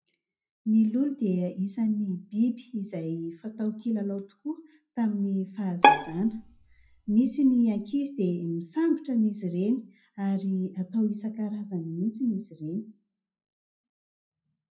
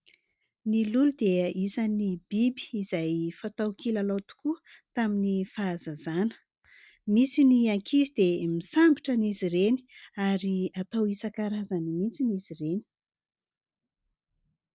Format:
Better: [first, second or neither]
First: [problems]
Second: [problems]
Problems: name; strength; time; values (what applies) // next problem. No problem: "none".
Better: second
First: noise reduction (classical method WPE with log-MMSE)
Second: none